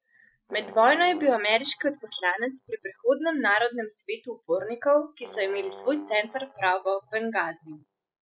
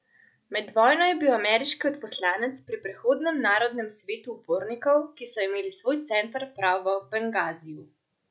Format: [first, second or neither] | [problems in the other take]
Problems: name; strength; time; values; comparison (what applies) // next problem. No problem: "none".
second | noise reduction (classical method spectral subtraction)